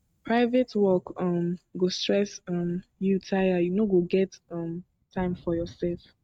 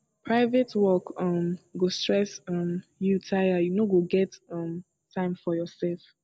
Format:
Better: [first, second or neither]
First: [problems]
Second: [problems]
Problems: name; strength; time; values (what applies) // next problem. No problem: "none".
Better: second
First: noise reduction (neural mask model RNNoise)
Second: none